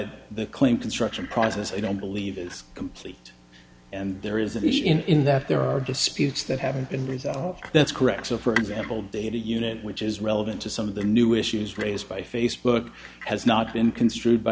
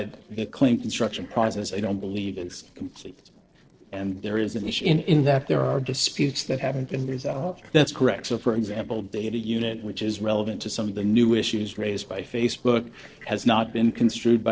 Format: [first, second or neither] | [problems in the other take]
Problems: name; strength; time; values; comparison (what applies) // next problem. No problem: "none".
first | noise reduction (neural separator model SepFormer DNS4)